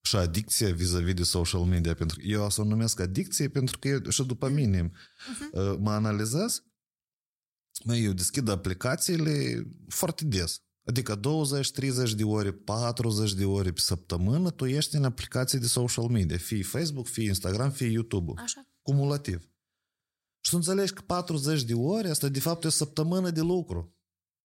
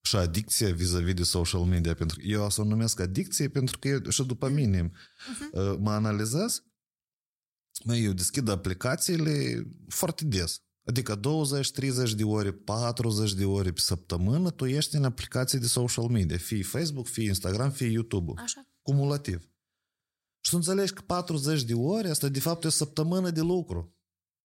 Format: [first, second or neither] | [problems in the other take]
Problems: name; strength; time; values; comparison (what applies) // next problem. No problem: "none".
neither | none